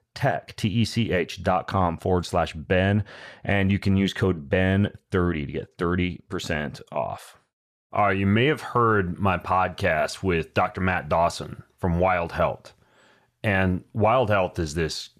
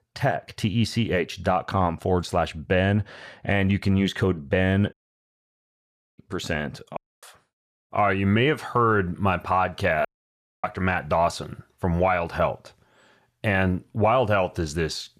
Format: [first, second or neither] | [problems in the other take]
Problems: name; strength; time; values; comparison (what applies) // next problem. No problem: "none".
first | audio cutting out; at 5 s for 1.5 s, at 7 s and at 10 s for 0.5 s